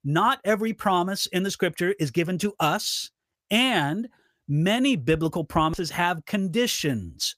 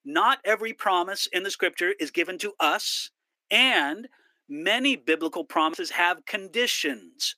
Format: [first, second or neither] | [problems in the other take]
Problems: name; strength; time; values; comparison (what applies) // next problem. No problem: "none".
first | thin; somewhat; fading below 300 Hz